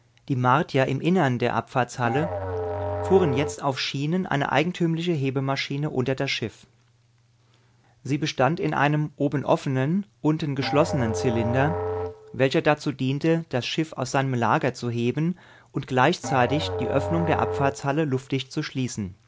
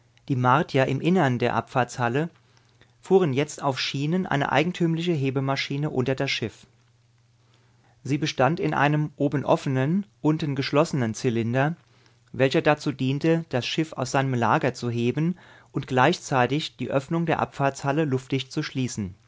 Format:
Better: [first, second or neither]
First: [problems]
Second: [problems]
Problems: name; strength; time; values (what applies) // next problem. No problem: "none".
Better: second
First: background sound (Musical instrument); 6 dB below the speech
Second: none